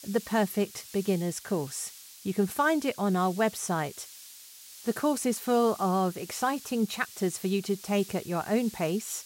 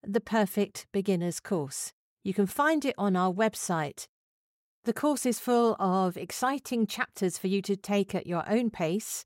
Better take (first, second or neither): second